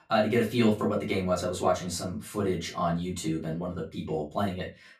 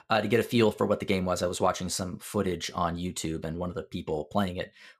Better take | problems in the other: second | off-mic speech; far // room echo; very slight; dies away in 0.2 s

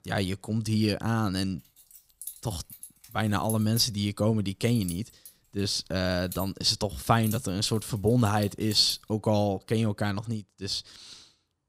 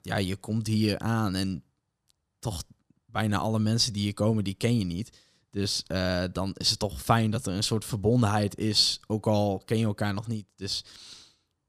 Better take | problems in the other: second | jangling keys; noticeable; from 2 to 9 s; peak 7 dB below the speech

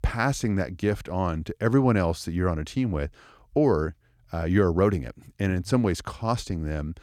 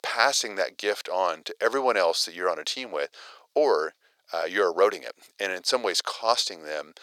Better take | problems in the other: first | thin; very; fading below 500 Hz

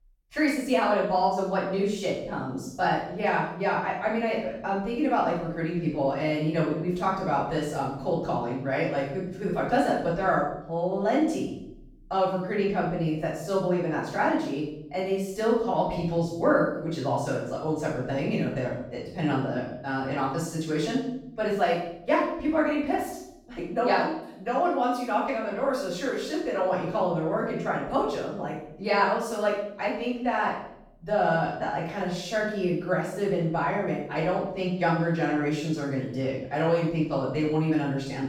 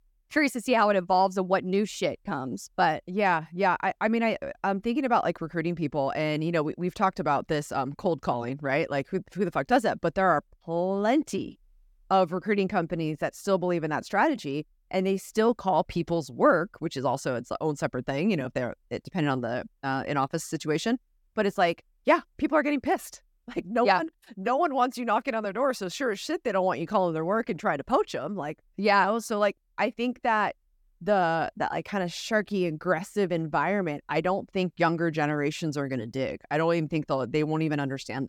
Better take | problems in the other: second | off-mic speech; far // room echo; noticeable; dies away in 0.7 s

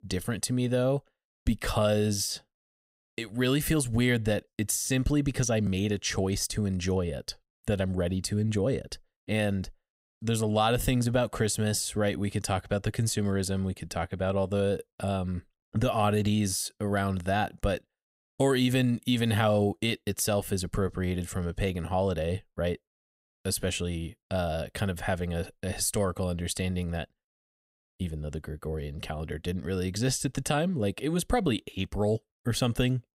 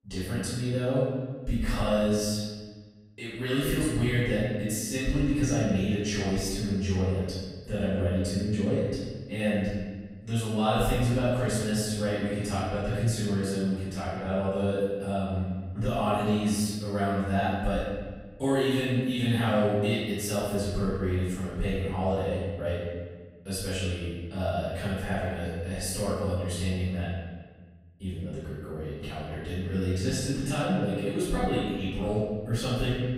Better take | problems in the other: first | off-mic speech; far // room echo; strong; dies away in 1.3 s

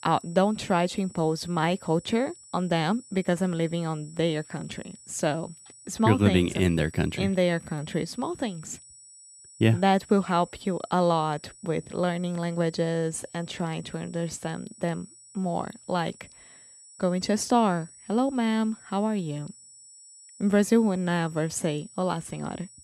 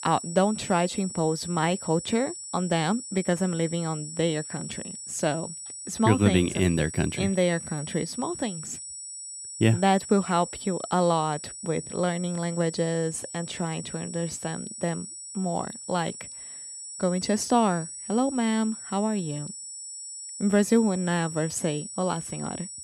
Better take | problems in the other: first | high-pitched whine; loud; throughout; 8 kHz, 10 dB below the speech; faint in the first

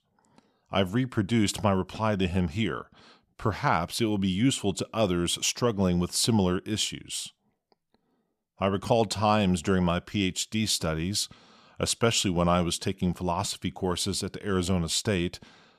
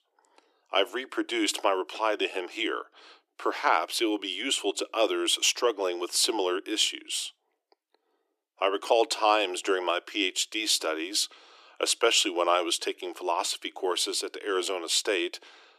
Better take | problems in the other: first | thin; very; fading below 300 Hz

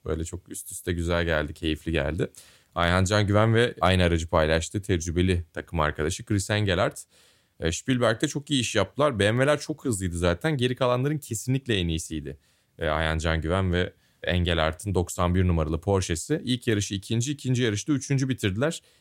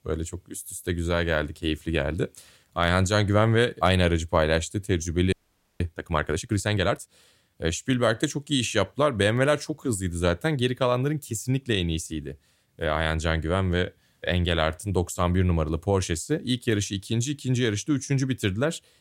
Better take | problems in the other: first | audio freezing; at 5.5 s

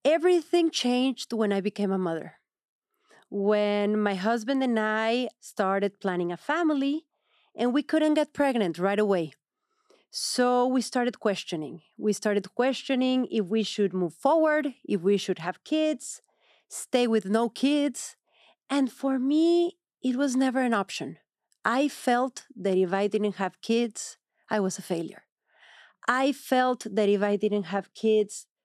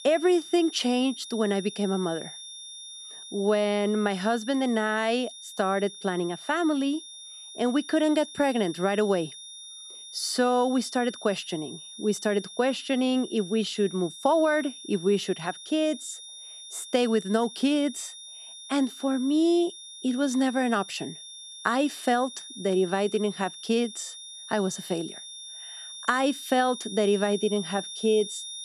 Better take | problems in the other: first | high-pitched whine; noticeable; throughout; 3.5 kHz, 15 dB below the speech

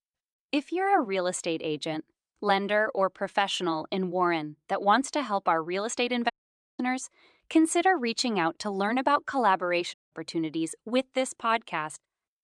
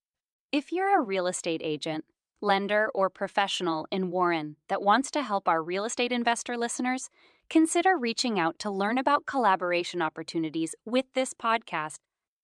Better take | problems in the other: second | audio cutting out; at 6.5 s and at 10 s

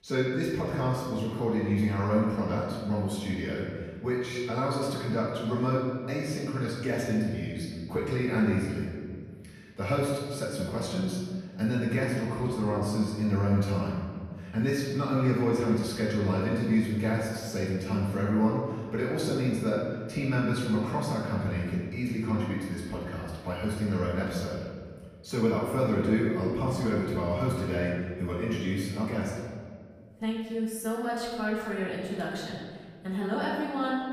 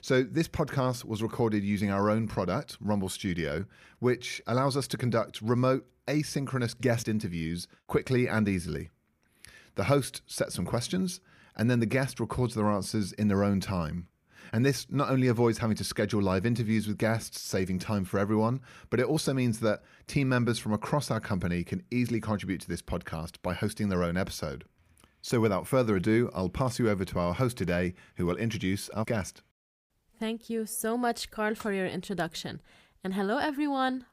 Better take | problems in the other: second | off-mic speech; far // room echo; noticeable; dies away in 1.6 s

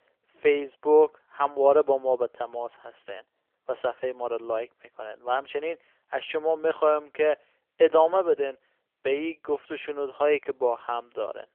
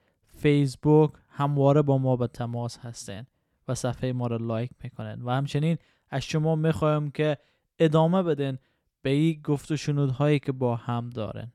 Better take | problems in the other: second | phone-call audio; nothing above 3 kHz

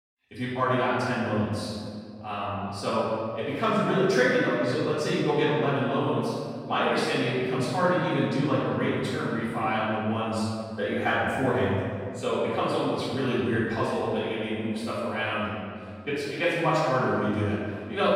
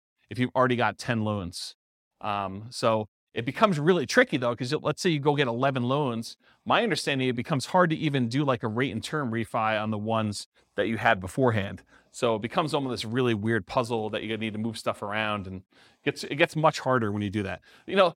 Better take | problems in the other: second | off-mic speech; far // room echo; strong; dies away in 1.9 s

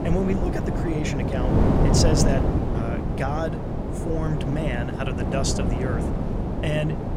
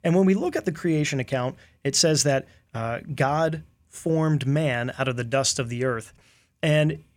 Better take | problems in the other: second | wind noise on the microphone; heavy; as loud as the speech

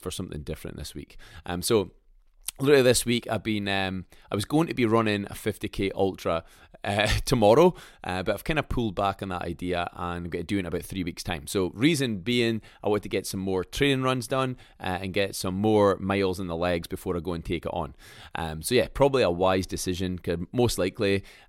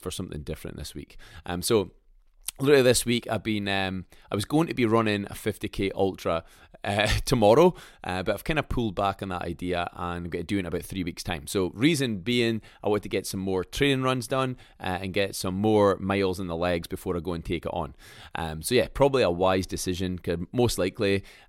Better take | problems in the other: neither | none

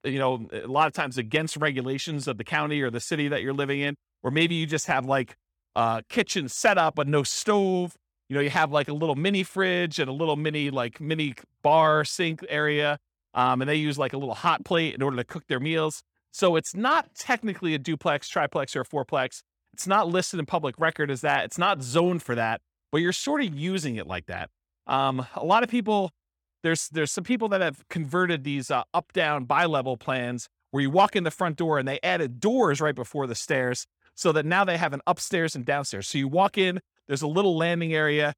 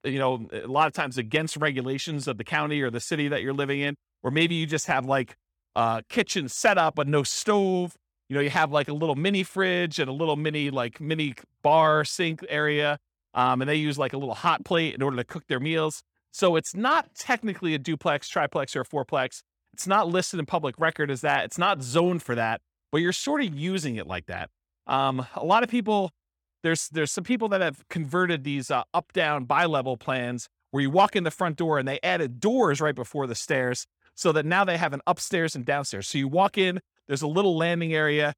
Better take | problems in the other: neither | none

